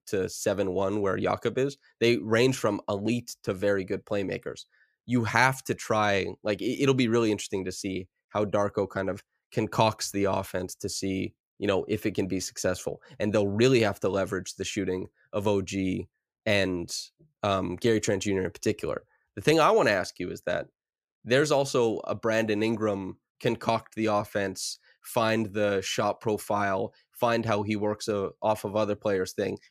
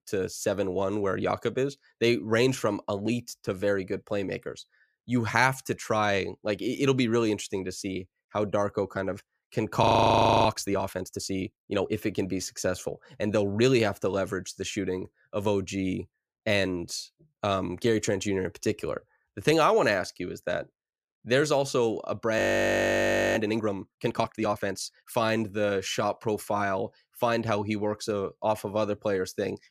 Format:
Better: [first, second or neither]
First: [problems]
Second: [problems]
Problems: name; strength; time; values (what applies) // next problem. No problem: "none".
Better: first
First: none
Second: audio freezing; at 10 s for 0.5 s and at 22 s for 1 s